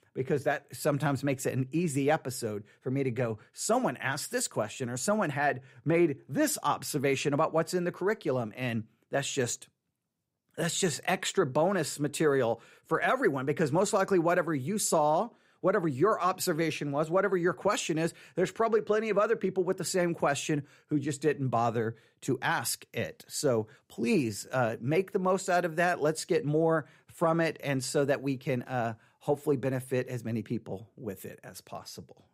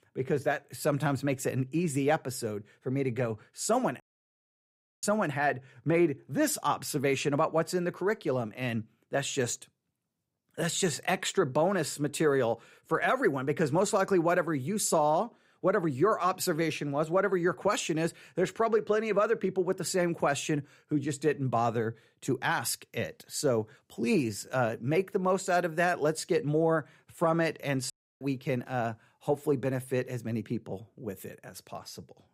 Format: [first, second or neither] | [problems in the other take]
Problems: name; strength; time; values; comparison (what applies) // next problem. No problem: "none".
first | audio cutting out; at 4 s for 1 s and at 28 s